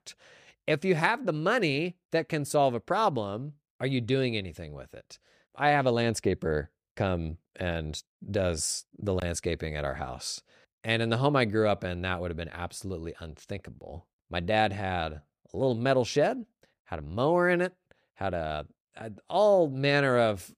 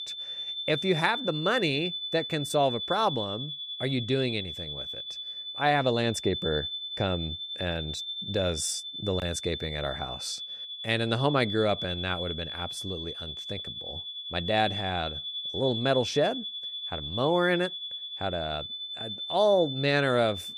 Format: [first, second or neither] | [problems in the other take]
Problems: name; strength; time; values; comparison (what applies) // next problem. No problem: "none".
first | high-pitched whine; loud; throughout; 3.5 kHz, 5 dB below the speech